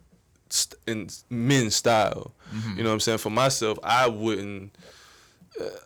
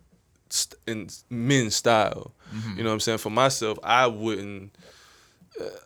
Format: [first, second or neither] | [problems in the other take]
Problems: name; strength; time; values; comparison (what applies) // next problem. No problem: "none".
second | distortion; slight; 1.8% of the sound clipped